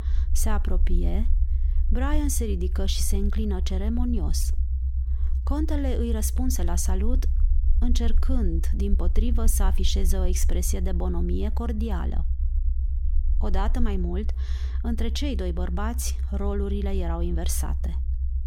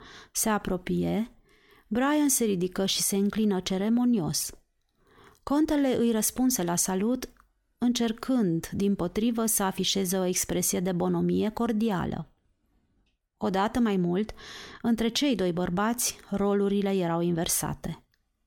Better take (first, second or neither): second